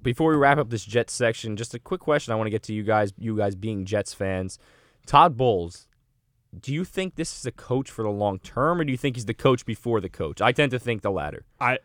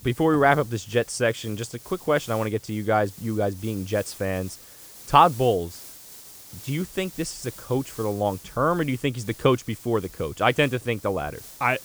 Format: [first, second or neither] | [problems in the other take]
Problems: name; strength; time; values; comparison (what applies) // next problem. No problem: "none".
first | hiss; noticeable; throughout; 20 dB below the speech